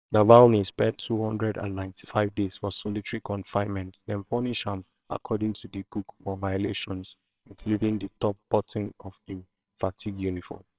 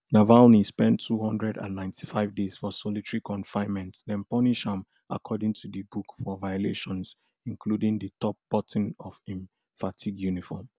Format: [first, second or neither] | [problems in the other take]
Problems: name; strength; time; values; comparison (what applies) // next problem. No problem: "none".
second | noise reduction (neural separator model SepFormer WHAMR!)